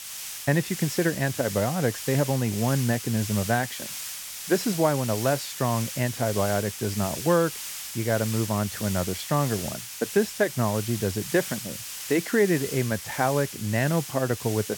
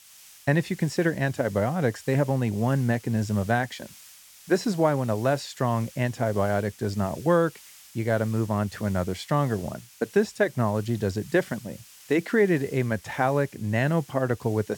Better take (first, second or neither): second